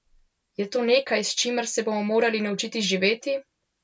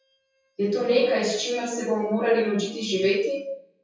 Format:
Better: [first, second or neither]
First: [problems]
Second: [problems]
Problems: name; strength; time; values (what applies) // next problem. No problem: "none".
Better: first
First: none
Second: noise reduction (classical method WPE with log-MMSE)